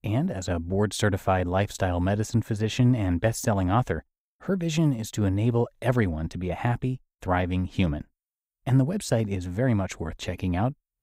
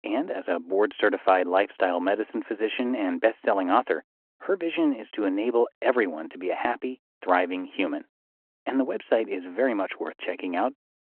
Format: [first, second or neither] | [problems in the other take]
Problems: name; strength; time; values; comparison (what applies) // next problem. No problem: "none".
first | phone-call audio